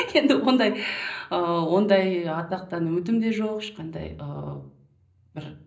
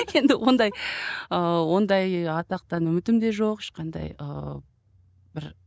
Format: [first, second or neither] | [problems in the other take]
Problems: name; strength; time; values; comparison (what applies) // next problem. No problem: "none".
second | room echo; dies away in 0.5 s